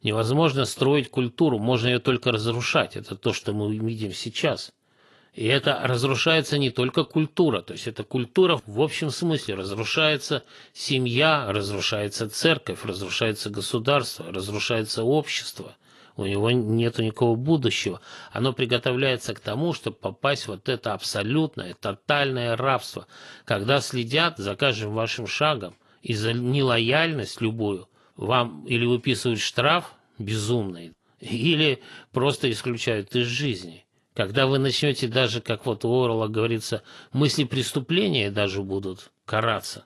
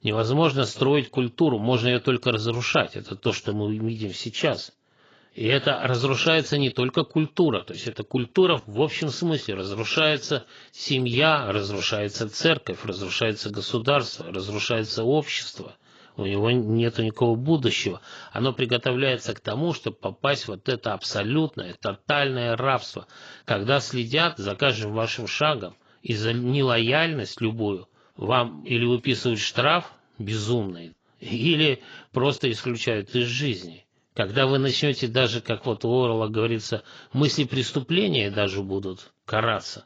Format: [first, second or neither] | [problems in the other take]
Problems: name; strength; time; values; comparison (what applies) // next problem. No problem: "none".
first | garbled, watery; badly; nothing above 7.5 kHz; slightly in the first